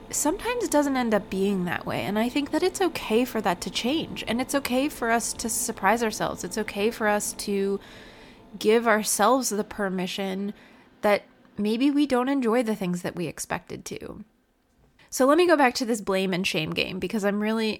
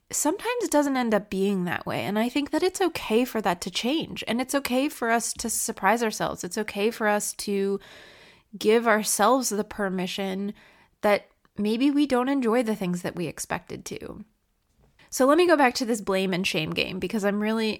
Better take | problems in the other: second | machinery noise; faint; throughout; 20 dB below the speech

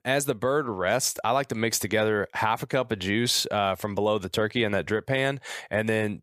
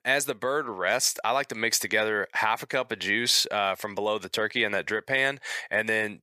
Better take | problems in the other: first | thin; somewhat; fading below 1 kHz

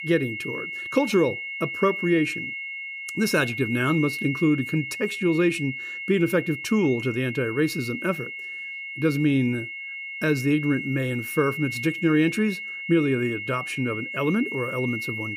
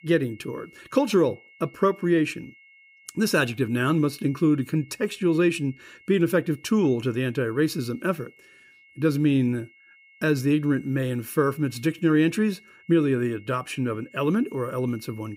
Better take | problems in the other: second | high-pitched whine; loud; throughout; 2 kHz, 6 dB below the speech; faint in the second

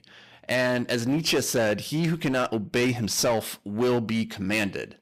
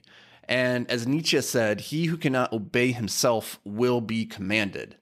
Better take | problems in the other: second | distortion; slight; 11% of the sound clipped

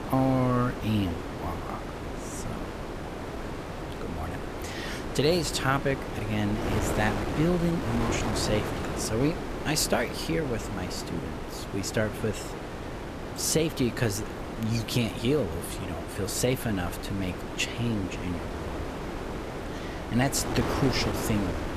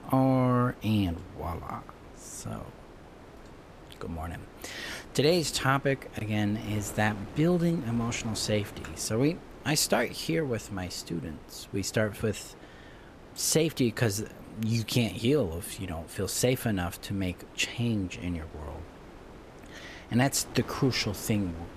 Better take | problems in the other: second | wind noise on the microphone; heavy; 5 dB below the speech; occasional gusts in the second

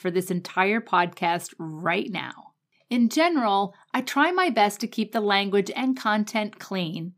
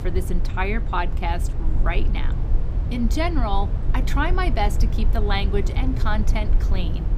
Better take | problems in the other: first | low rumble; noticeable; throughout; 10 dB below the speech

